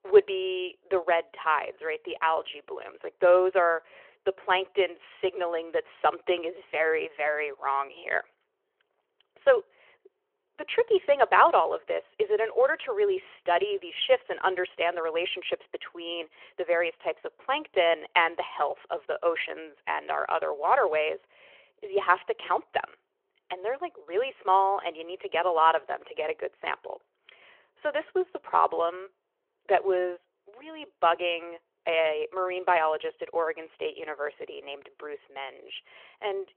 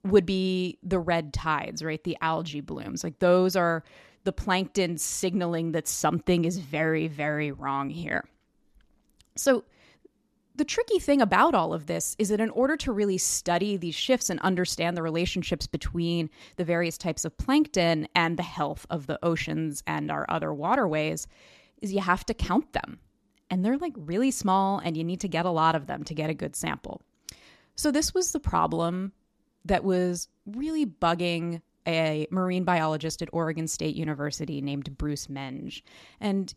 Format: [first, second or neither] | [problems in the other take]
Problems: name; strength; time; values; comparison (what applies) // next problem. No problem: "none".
second | phone-call audio; nothing above 3.5 kHz